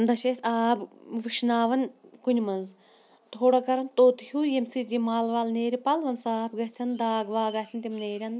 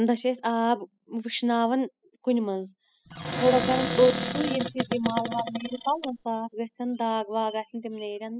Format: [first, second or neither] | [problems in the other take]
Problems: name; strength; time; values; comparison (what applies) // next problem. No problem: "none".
first | noise reduction (classical method spectral subtraction)